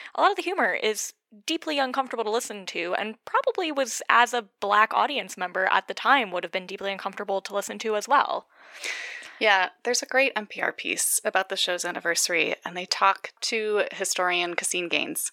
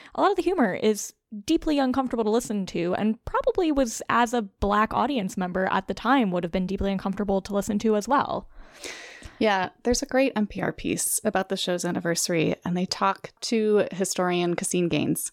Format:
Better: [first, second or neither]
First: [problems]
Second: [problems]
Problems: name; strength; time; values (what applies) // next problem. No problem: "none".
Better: second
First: thin; very; fading below 550 Hz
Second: none